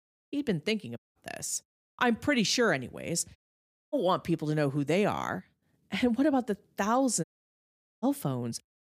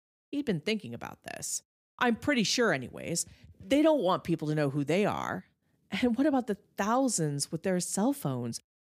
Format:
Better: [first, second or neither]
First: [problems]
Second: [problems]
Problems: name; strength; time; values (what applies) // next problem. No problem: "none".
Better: second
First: audio cutting out; at 1 s, at 3.5 s for 0.5 s and at 7 s for 1 s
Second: none